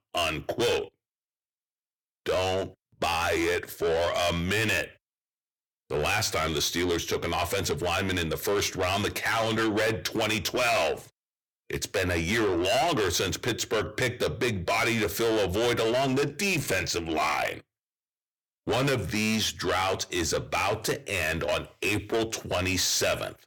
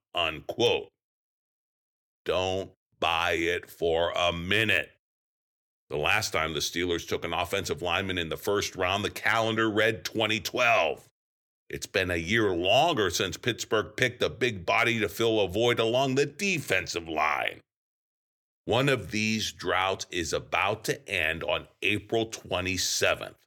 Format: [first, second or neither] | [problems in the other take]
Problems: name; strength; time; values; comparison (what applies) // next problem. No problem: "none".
second | distortion; heavy; 6 dB below the speech